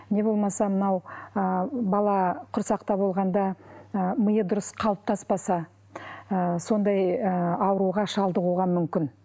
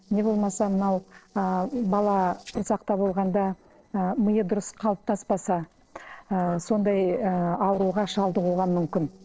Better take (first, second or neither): first